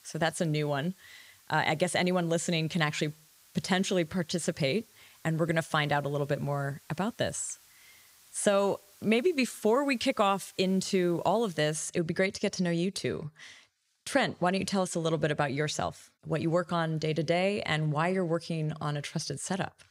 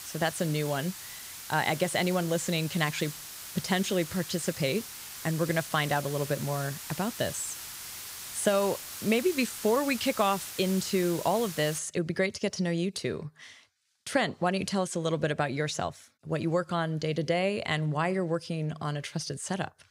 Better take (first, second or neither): first